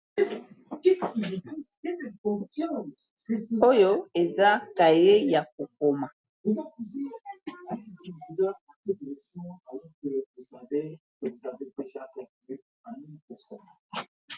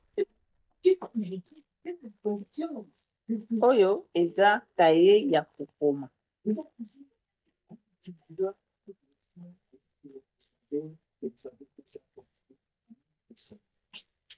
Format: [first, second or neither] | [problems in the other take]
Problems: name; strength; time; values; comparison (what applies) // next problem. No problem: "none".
first | noise reduction (neural mask model DeepFilterNet 3)